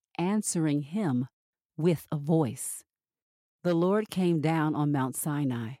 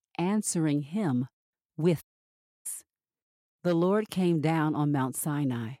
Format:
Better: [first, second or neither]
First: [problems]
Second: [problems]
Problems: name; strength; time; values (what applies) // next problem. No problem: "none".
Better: first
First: none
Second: audio cutting out; at 2 s for 0.5 s